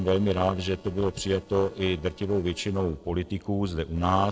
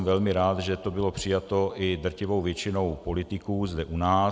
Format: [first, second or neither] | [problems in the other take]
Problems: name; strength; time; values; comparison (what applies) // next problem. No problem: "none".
second | noise reduction (neural separator model SepFormer DNS4)